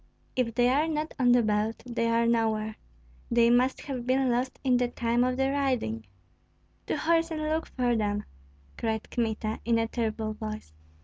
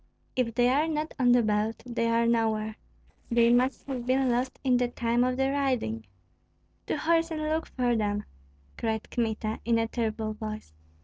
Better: first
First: none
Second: noise reduction (neural separator model SepFormer DNS4)

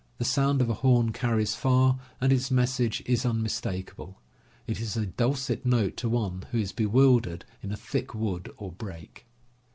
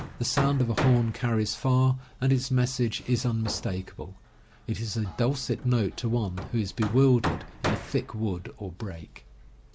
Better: first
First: none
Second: background sound (Hammer); 11 dB below the speech

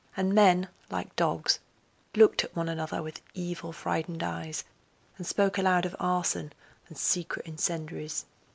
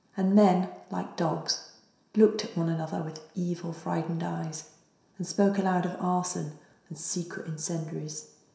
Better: first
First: none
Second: room echo; dies away in 0.7 s

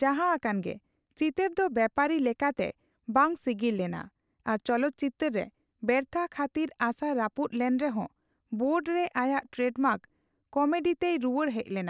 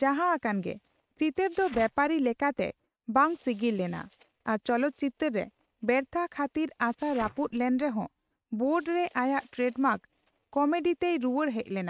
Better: first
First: none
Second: noise reduction (neural mask model RNNoise)

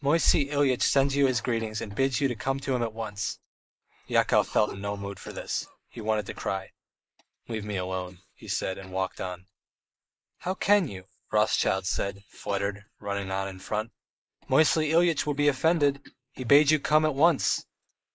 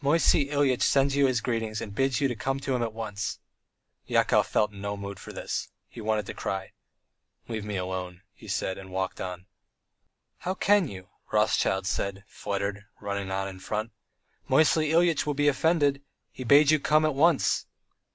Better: second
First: noise reduction (neural mask model Resemble Enhance denoiser)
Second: none

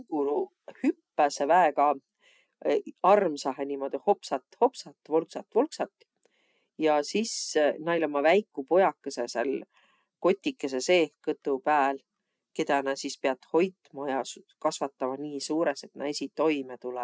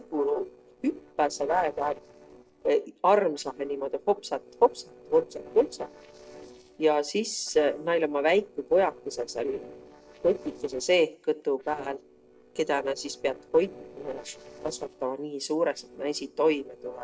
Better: first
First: none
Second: noise reduction (neural separator model SepFormer DNS4)

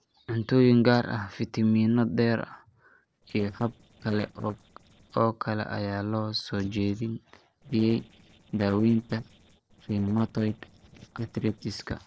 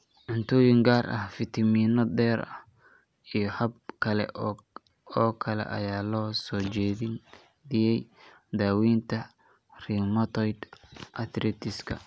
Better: second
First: noise reduction (neural separator model SepFormer DNS4)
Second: none

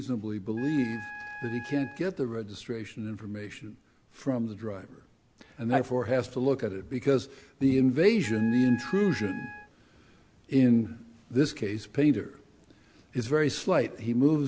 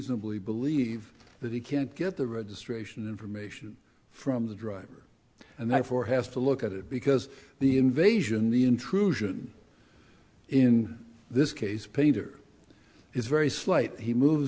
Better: second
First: background sound (Wind instrument, woodwind instrument); 15 dB below the speech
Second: none

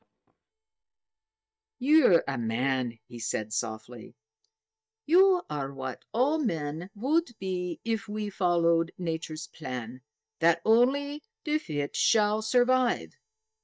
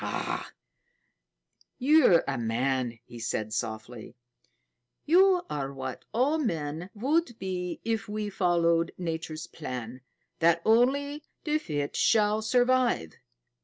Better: second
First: noise reduction (neural mask model DeepFilterNet 3)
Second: none

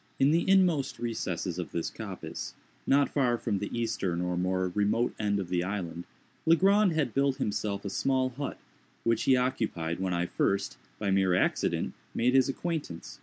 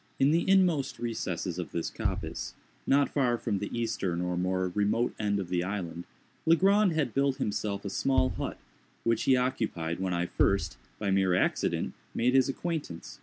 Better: first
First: none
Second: background sound (Bass drum); 8 dB below the speech

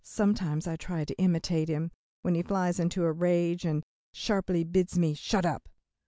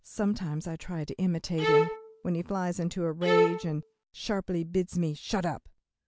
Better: first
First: none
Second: background sound (Bowed string instrument); 3 dB above the speech

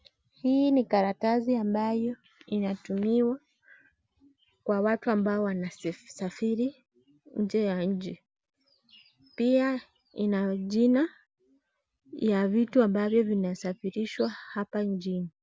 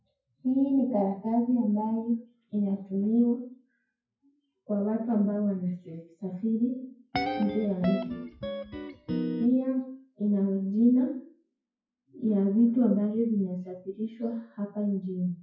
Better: first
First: none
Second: noise reduction (classical method WPE with log-MMSE)

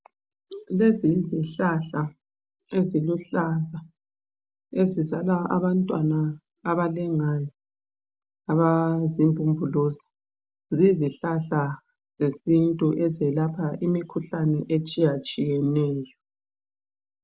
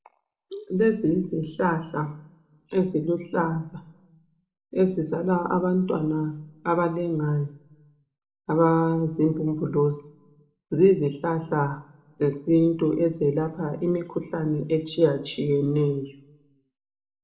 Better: first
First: none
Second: room echo; dies away in 0.5 s

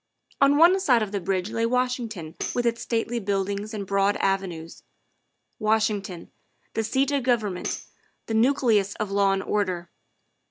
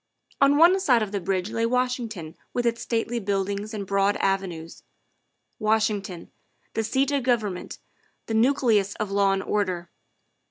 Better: second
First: background sound (Tambourine); 14 dB below the speech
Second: none

